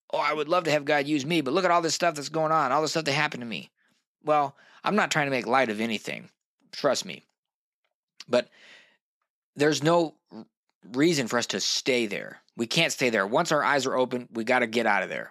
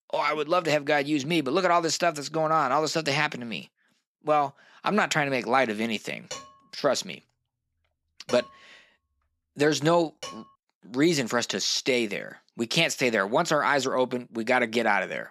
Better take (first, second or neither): first